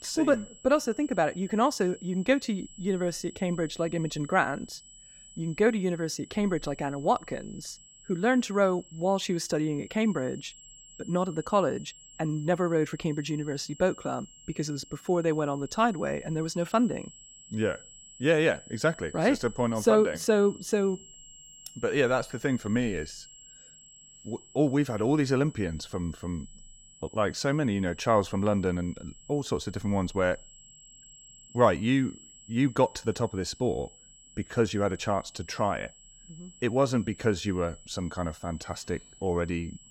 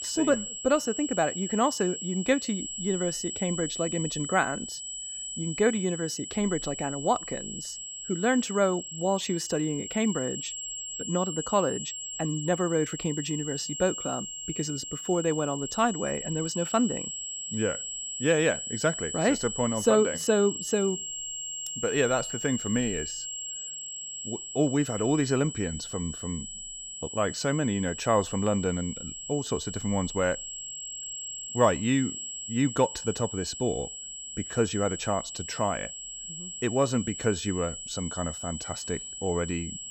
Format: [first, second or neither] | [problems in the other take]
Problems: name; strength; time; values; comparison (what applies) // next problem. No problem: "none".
first | high-pitched whine; loud; throughout; 7.5 kHz, 6 dB below the speech; faint in the first